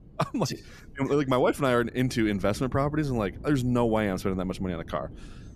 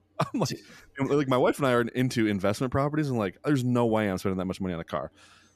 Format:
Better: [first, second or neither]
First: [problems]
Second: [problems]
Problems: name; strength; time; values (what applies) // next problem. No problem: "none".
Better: second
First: wind noise on the microphone; occasional gusts; 25 dB below the speech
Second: none